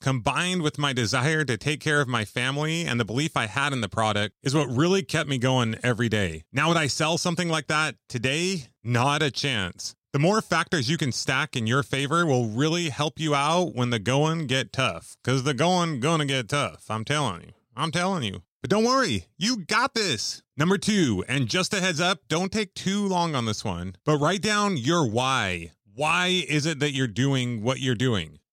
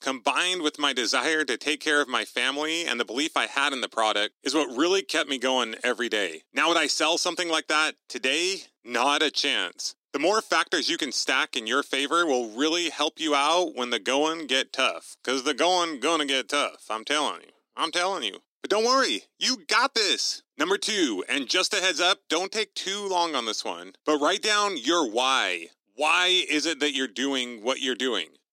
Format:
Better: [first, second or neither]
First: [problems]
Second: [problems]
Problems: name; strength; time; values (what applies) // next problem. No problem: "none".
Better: first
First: none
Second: thin; somewhat; fading below 300 Hz